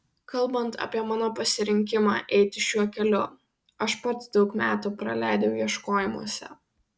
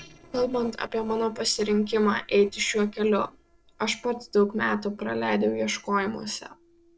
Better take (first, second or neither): first